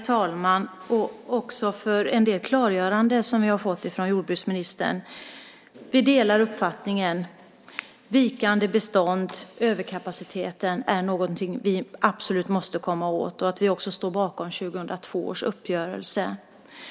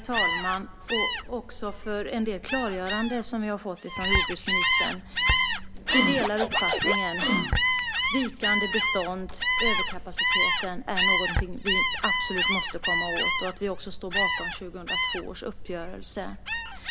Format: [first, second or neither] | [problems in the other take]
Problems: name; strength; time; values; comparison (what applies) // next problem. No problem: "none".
first | background sound (Gull, seagull + Scratching (performance technique)); 5 dB above the speech